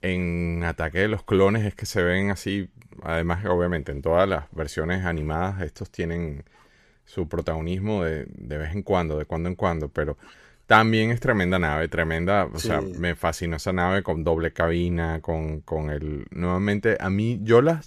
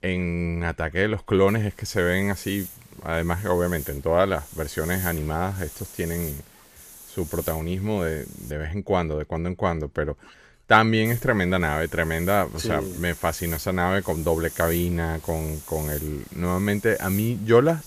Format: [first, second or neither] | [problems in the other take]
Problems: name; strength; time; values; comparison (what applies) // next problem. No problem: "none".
first | hiss; noticeable; from 1.5 to 8.5 s and from 11 s on; 15 dB below the speech